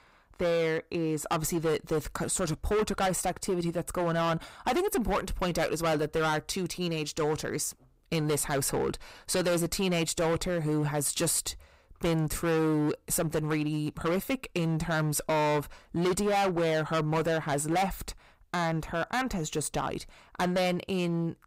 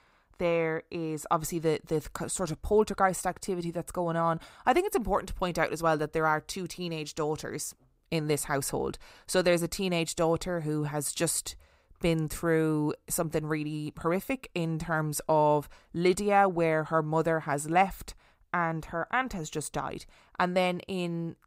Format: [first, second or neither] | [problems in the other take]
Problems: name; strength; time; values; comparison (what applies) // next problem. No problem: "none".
second | distortion; heavy; 15% of the sound clipped